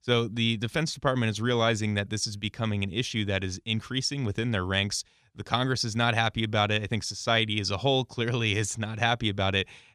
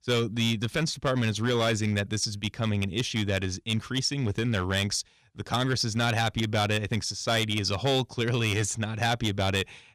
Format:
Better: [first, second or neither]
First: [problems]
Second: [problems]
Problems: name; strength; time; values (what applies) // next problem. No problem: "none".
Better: first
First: none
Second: distortion; slight; 6% of the sound clipped